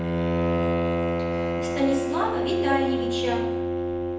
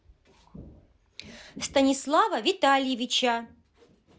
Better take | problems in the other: second | background sound (Bowed string instrument); 5 dB above the speech // room echo; dies away in 0.8 s

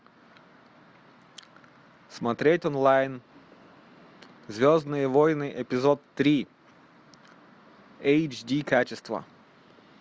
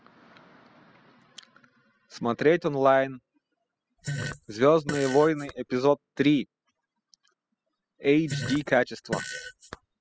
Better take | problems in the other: first | noise reduction (classical method spectral subtraction)

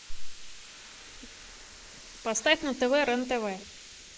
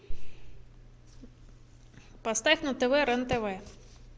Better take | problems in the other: second | noise reduction (neural mask model Resemble Enhance denoiser)

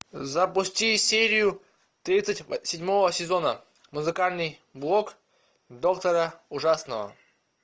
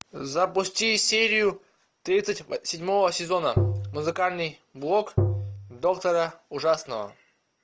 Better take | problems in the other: first | background sound (Tap); as loud as the speech

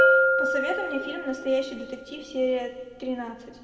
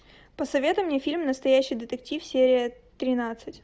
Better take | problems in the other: second | background sound (Bell); 4 dB above the speech // room echo; dies away in 1.7 s

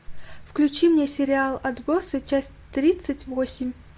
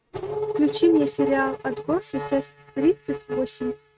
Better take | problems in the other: first | noise reduction (neural mask model RNNoise)

